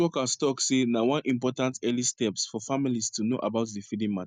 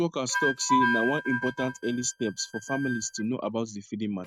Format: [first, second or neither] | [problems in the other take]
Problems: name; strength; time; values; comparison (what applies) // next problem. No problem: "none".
first | noise reduction (neural mask model RNNoise)